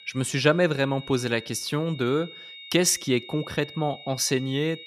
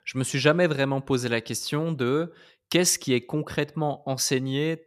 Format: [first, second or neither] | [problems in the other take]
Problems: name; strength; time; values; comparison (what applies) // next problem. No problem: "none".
second | high-pitched whine; noticeable; throughout; 3.5 kHz, 15 dB below the speech